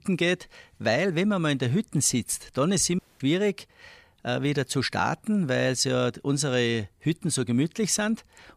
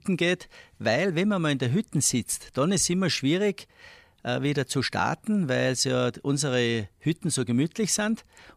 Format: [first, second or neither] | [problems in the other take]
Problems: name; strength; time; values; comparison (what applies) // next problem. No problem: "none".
second | audio cutting out; at 3 s